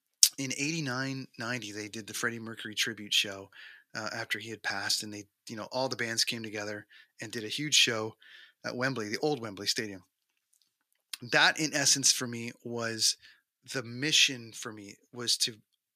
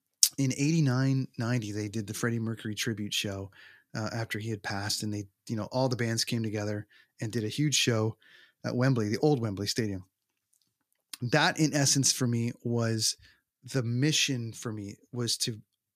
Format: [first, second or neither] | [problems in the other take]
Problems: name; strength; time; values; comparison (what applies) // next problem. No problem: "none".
second | thin; somewhat; fading below 1 kHz